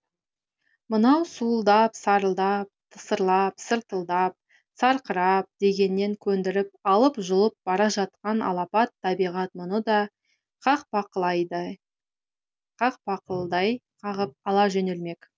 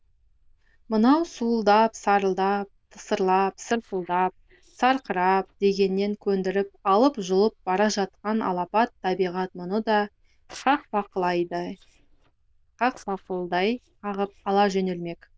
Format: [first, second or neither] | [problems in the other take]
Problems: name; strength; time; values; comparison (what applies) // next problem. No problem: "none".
first | noise reduction (neural diffusion model UNIVERSE++)